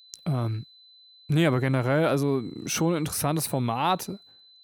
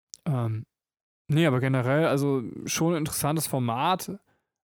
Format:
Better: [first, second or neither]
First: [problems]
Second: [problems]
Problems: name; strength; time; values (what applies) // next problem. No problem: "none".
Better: second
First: high-pitched whine; faint; throughout; 4 kHz, 25 dB below the speech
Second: none